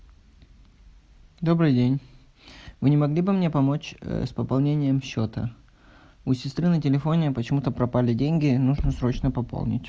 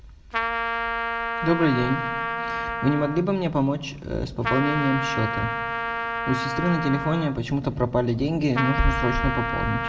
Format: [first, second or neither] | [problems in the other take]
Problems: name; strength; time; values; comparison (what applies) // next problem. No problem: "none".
first | background sound (Trumpet); 4 dB below the speech // room echo; dies away in 1.1 s